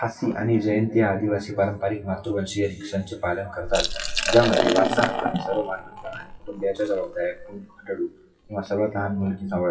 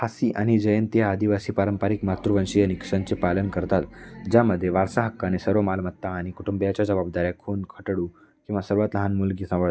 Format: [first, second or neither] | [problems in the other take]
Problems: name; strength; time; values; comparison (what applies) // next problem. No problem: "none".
second | noise reduction (classical method WPE with log-MMSE)